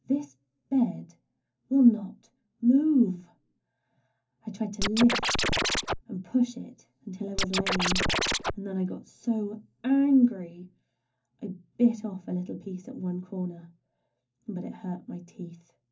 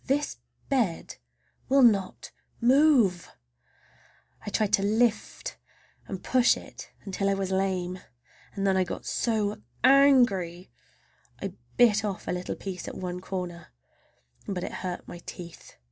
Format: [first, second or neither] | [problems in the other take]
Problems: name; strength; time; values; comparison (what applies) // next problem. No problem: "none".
second | background sound (Scratching (performance technique)); 2 dB above the speech // room echo; dies away in 0.3 s